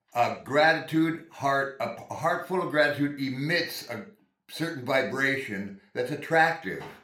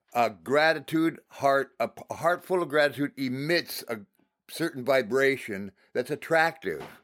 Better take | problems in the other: second | room echo; slight; dies away in 0.4 s // off-mic speech; somewhat distant

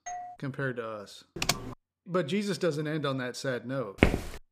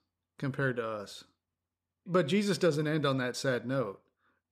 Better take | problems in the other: second | doorbell; noticeable; at the start; peak 8 dB below the speech // keyboard typing; loud; at 1.5 s; peak 2 dB above the speech // footsteps; loud; at 4 s; peak 6 dB above the speech

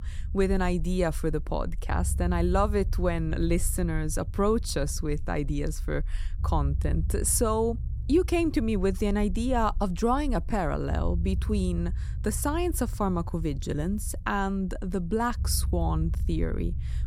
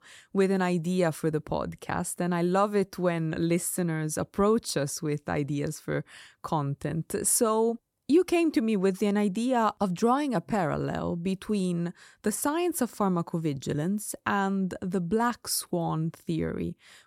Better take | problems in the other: second | low rumble; faint; throughout; 20 dB below the speech

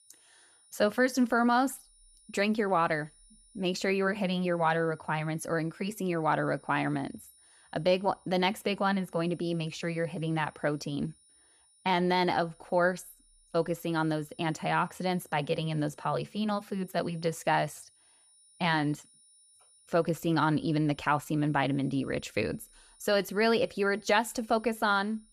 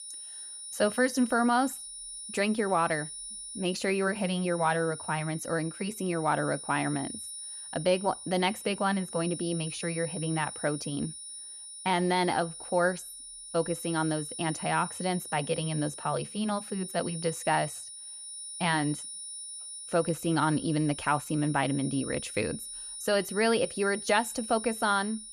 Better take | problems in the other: first | high-pitched whine; loud; throughout; 9.5 kHz, 9 dB below the speech; faint in the first

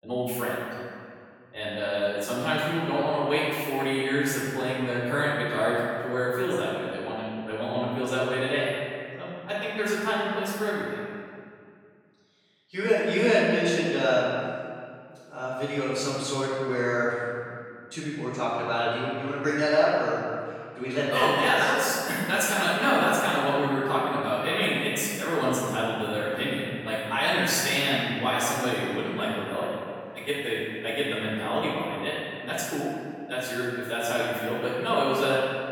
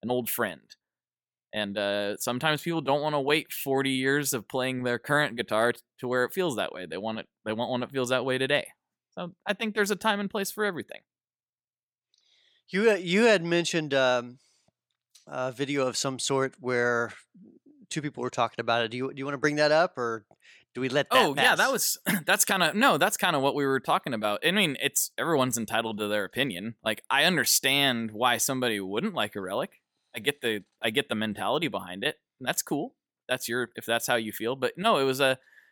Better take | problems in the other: second | off-mic speech; far // room echo; strong; dies away in 2 s

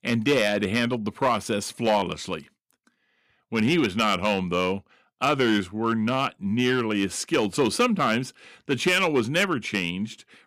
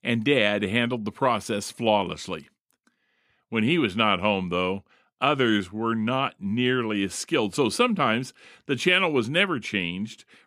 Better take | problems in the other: second | distortion; slight; 3% of the sound clipped

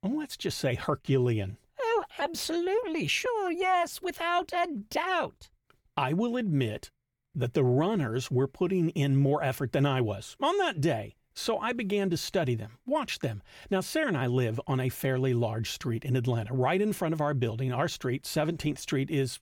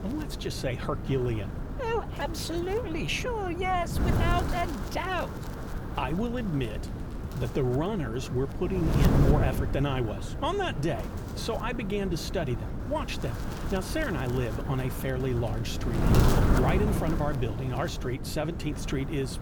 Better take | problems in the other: first | wind noise on the microphone; heavy; 5 dB below the speech

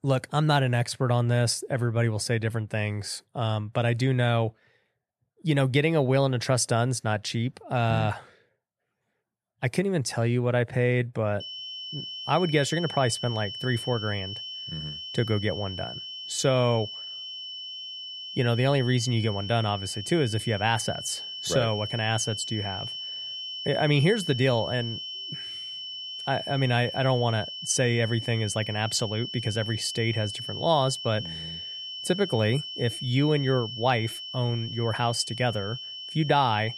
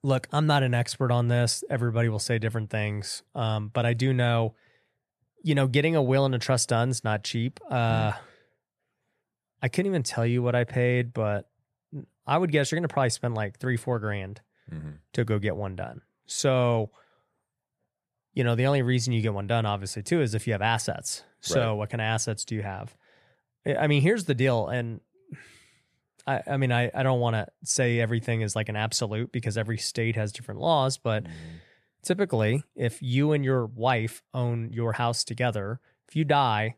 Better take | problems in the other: second | high-pitched whine; loud; from 11 s on; 3 kHz, 8 dB below the speech

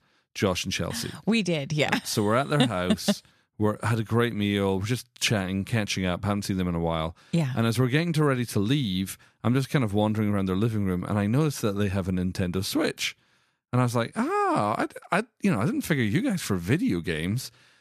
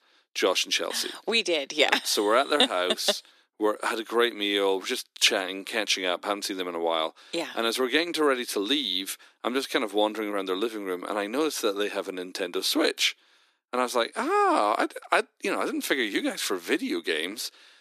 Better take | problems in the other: first | thin; somewhat; fading below 300 Hz

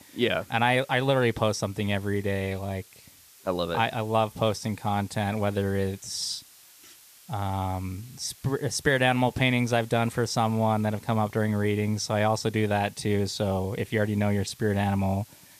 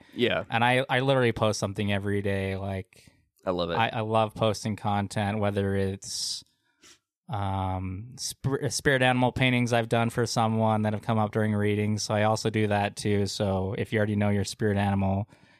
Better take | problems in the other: second | hiss; faint; throughout; 25 dB below the speech

